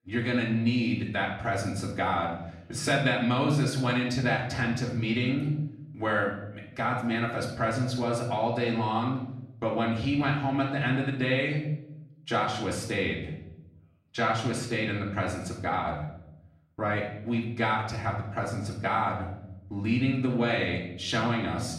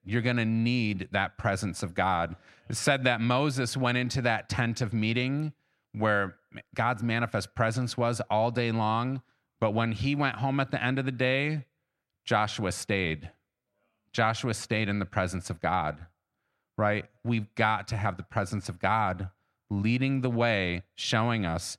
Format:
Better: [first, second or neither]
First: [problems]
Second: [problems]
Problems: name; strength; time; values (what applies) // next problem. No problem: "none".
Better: second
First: off-mic speech; far // room echo; noticeable; dies away in 0.7 s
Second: none